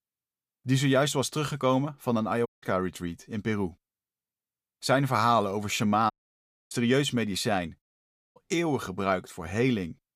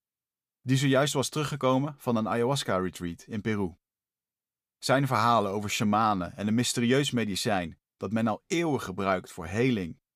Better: second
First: audio cutting out; at 2.5 s, at 6 s for 0.5 s and at 8 s for 0.5 s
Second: none

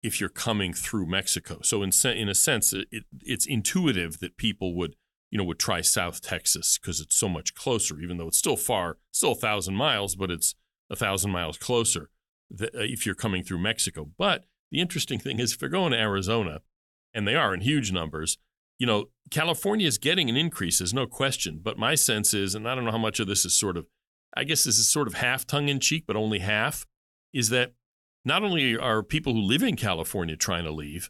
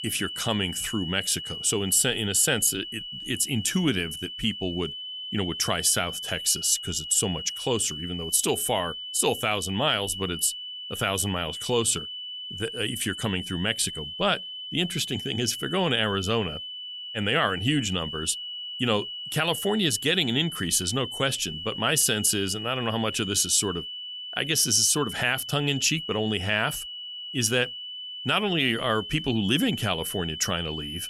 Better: first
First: none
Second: high-pitched whine; loud; throughout; 3 kHz, 8 dB below the speech

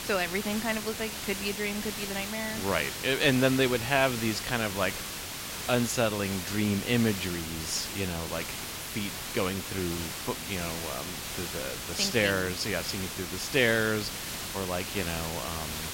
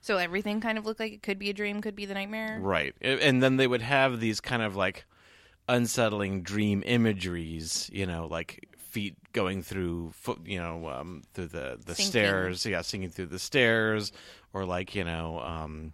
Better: second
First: hiss; loud; throughout; 5 dB below the speech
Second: none

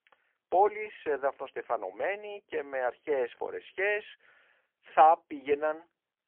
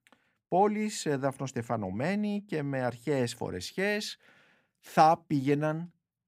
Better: second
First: phone-call audio; poor line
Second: none

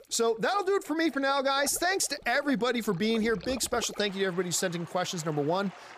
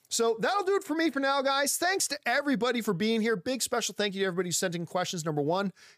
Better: second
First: rain or running water; noticeable; throughout; 20 dB below the speech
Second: none

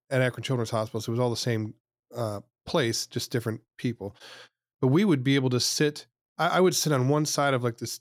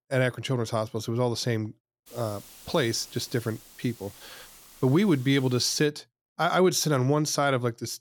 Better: first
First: none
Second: hiss; faint; from 2 to 6 s; 20 dB below the speech

